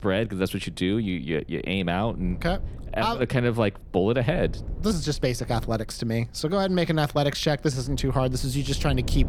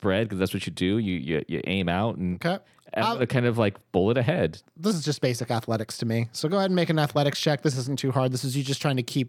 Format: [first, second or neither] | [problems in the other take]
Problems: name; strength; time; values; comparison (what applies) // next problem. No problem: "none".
second | wind noise on the microphone; occasional gusts; 25 dB below the speech